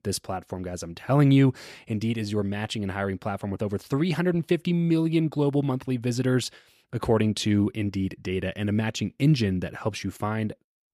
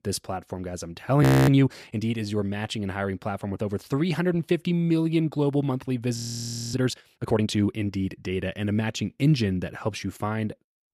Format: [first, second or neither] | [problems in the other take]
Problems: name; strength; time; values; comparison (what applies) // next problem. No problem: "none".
first | audio freezing; at 1 s and at 6 s for 0.5 s